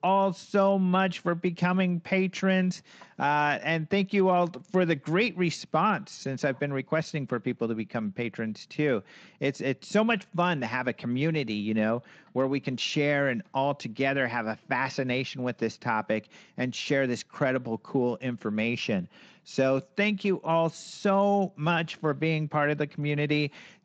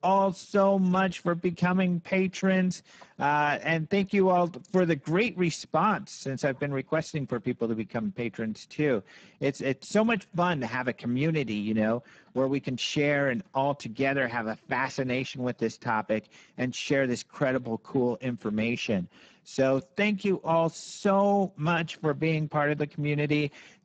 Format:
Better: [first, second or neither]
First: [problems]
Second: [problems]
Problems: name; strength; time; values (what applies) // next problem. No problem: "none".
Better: first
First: garbled, watery; slightly; nothing above 7.5 kHz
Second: garbled, watery; badly; nothing above 7.5 kHz